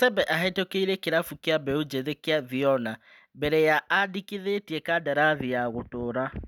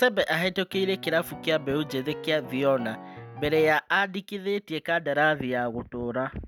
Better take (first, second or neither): first